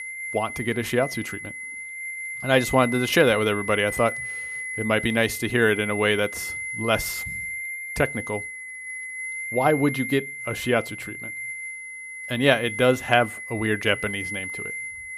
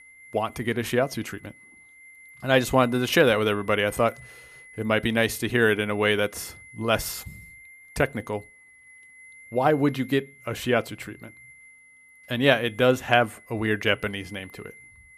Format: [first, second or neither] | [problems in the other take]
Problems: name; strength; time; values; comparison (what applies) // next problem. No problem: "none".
second | high-pitched whine; loud; throughout; 2 kHz, 8 dB below the speech; faint in the second